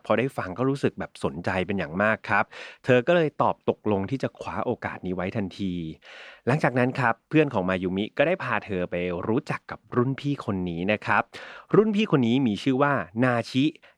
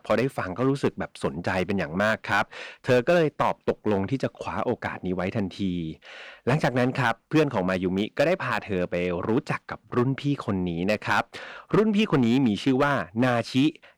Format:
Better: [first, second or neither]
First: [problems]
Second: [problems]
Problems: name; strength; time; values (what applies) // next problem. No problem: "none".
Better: first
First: none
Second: distortion; slight; 3% of the sound clipped